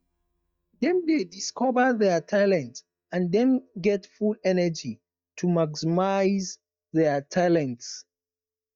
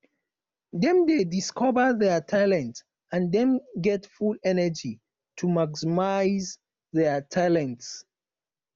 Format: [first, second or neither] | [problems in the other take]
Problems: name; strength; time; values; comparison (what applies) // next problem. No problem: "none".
second | noise reduction (neural mask model DeepFilterNet 3)